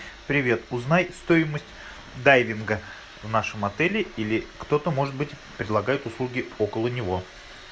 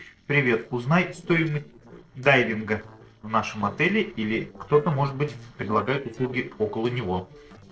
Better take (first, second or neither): first